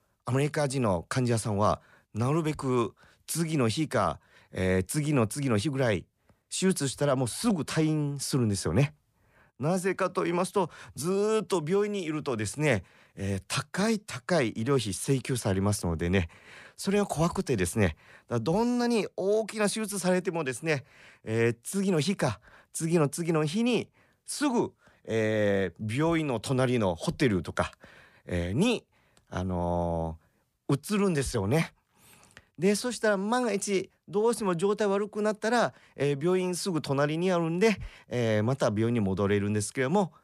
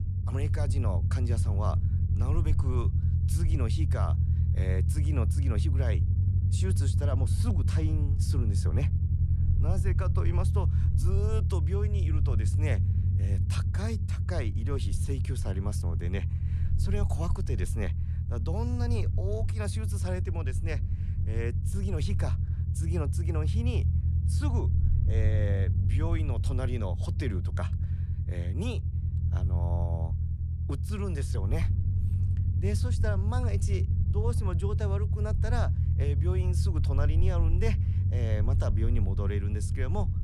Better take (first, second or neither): first